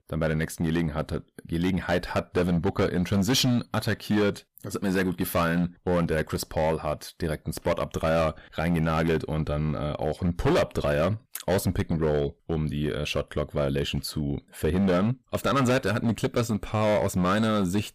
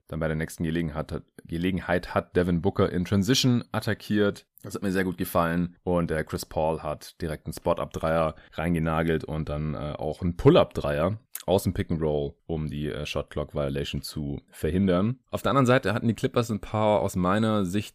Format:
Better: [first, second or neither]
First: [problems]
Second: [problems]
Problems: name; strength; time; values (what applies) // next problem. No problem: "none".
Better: second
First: distortion; heavy; 10% of the sound clipped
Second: none